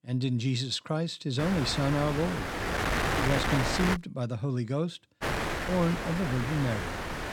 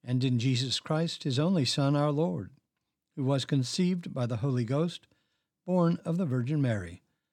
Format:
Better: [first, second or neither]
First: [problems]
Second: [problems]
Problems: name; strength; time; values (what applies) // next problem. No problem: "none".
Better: second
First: wind noise on the microphone; heavy; from 1.5 to 4 s and from 5 s on; 2 dB above the speech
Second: none